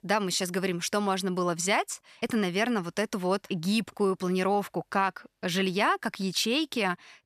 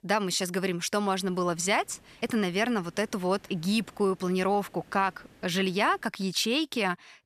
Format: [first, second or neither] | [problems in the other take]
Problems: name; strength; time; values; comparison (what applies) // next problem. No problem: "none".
first | hiss; faint; from 1 to 6 s; 30 dB below the speech